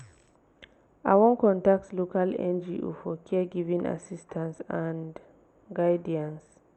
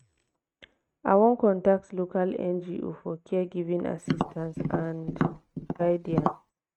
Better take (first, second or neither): first